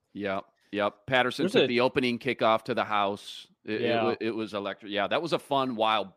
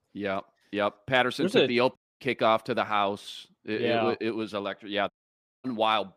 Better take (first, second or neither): first